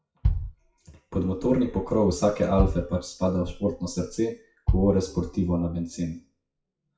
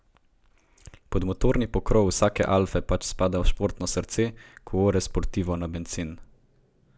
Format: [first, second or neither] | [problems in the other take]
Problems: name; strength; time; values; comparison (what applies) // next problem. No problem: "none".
second | noise reduction (classical method WPE with log-MMSE)